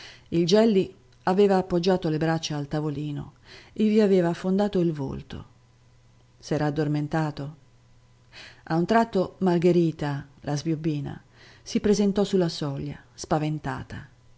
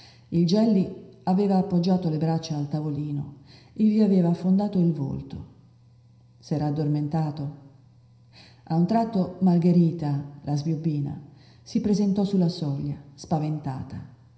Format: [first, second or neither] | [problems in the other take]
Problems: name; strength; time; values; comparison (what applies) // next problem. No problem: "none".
first | room echo; dies away in 0.9 s